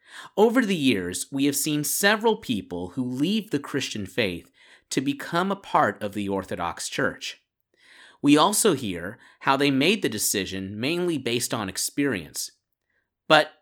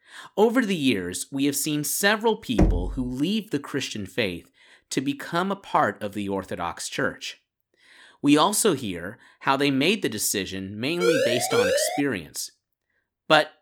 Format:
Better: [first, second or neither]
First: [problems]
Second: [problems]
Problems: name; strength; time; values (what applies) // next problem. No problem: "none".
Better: first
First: none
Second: door banging; loud; at 2.5 s; peak 2 dB above the speech // siren; loud; from 11 to 12 s; peak 2 dB above the speech